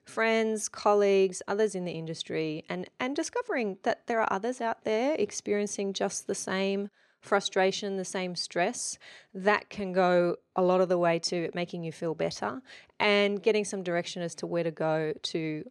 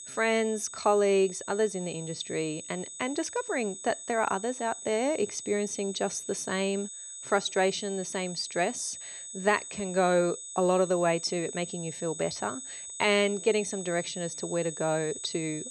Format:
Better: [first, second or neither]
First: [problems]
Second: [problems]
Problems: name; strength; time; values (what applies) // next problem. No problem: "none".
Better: first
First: none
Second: high-pitched whine; loud; throughout; 8 kHz, 10 dB below the speech